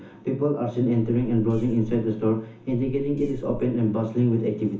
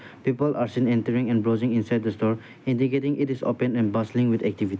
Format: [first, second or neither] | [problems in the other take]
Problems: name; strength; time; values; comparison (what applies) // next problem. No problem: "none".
second | background sound (Meow); 16 dB below the speech // room echo; dies away in 0.7 s